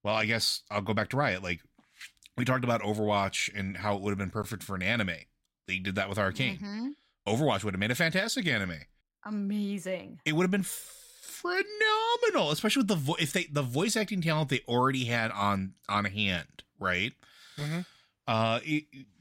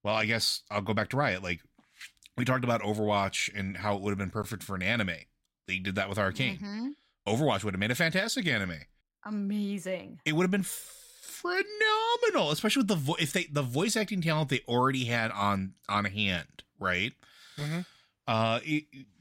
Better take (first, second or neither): neither